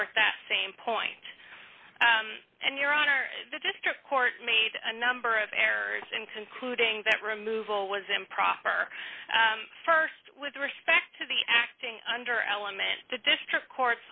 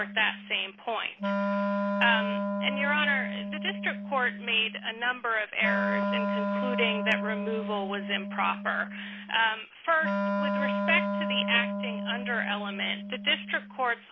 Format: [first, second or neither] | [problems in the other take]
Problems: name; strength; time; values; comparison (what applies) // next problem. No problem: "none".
first | background sound (Wind instrument, woodwind instrument); 2 dB below the speech